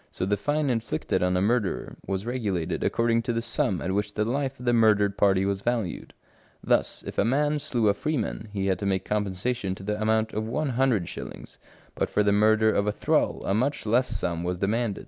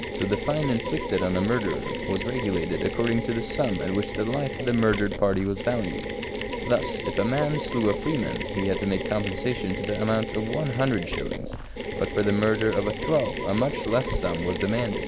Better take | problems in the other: first | background sound (Mechanisms); 4 dB below the speech

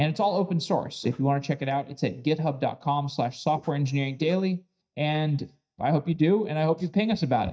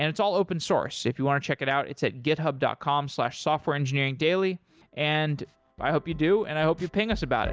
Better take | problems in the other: second | noise reduction (neural mask model DeepFilterNet 3)

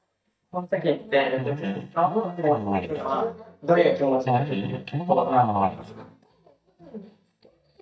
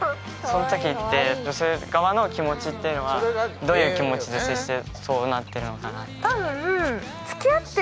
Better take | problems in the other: second | noise reduction (neural mask model DeepFilterNet 3)

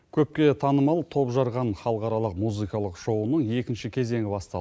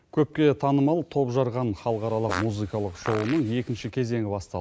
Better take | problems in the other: first | background sound (Fart); 12 dB below the speech

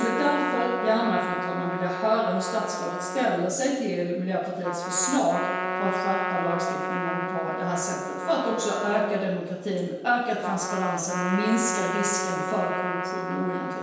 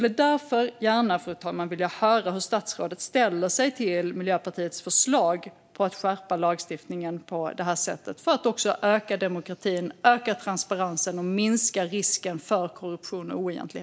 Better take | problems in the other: second | background sound (Trumpet); 4 dB below the speech // room echo; dies away in 1.2 s

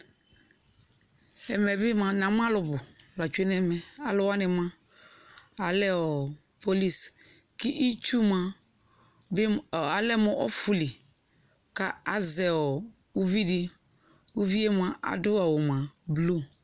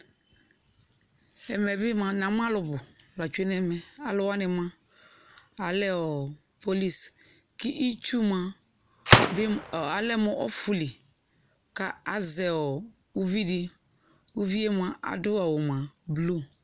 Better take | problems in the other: first | background sound (Gunshot, gunfire); 1 dB above the speech

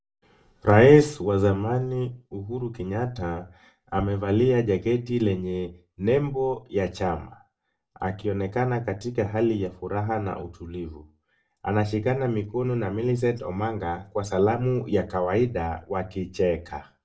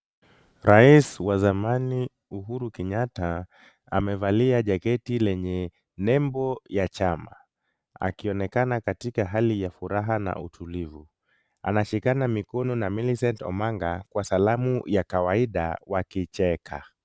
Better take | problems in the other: second | room echo; dies away in 0.2 s

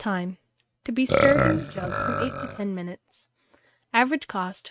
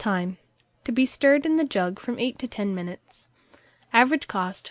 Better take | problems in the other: second | noise reduction (neural mask model RNNoise)

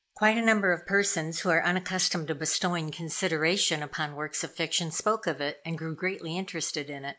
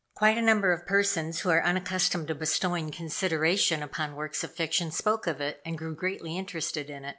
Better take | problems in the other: second | noise reduction (neural mask model Resemble Enhance denoiser)

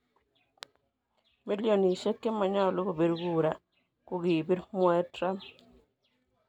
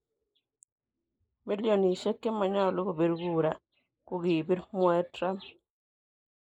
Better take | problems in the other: first | noise reduction (neural mask model Resemble Enhance denoiser)

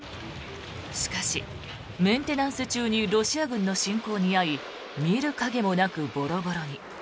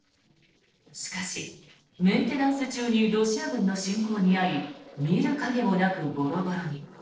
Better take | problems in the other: first | noise reduction (neural separator model SepFormer DNS4)

